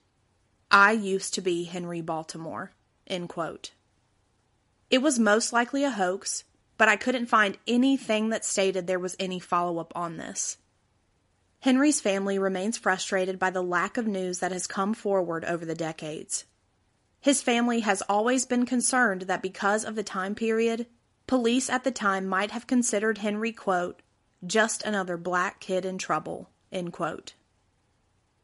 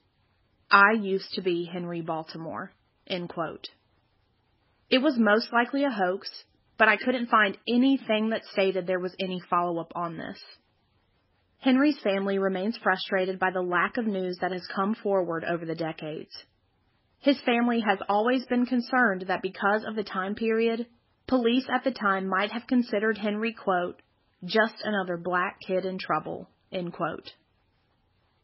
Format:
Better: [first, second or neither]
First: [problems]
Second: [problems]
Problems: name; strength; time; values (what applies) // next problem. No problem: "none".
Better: first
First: garbled, watery; slightly; nothing above 11 kHz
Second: garbled, watery; badly; nothing above 5.5 kHz